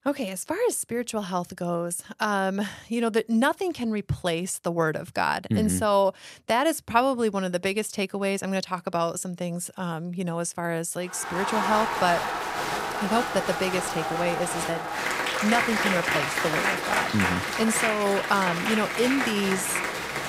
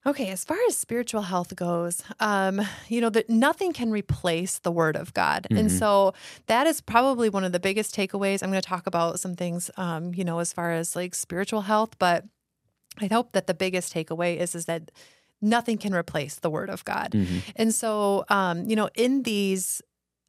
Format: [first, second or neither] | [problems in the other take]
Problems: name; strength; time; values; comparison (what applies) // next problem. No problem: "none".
second | crowd noise; loud; from 11 s on; as loud as the speech